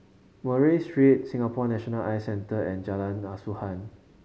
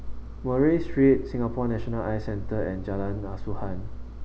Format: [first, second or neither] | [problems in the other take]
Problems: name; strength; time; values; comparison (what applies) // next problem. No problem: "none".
first | background sound (Engine); 6 dB below the speech